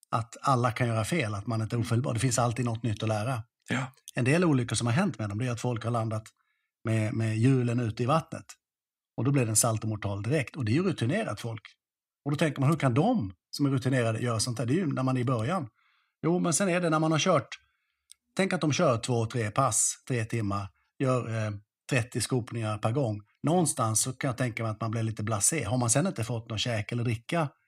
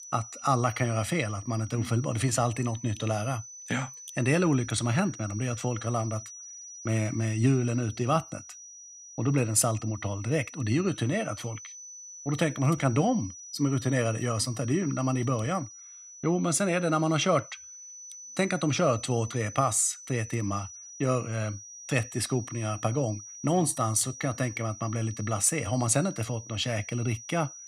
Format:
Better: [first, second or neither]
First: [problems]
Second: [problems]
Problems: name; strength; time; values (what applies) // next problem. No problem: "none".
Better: first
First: none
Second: high-pitched whine; noticeable; throughout; 6 kHz, 15 dB below the speech